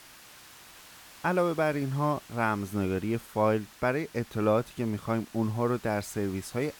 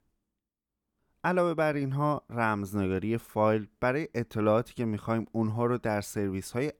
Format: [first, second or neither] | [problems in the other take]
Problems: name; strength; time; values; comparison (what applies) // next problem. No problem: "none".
second | hiss; faint; throughout; 20 dB below the speech